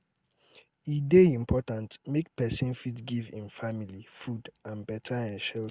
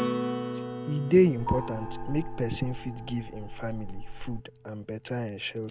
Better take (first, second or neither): first